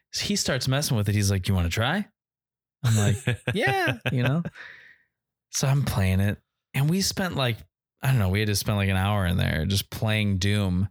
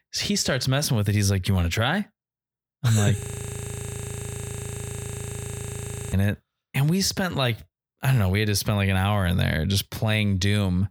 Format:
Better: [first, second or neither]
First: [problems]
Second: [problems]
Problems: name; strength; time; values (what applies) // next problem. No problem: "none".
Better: first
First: none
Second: audio freezing; at 3 s for 3 s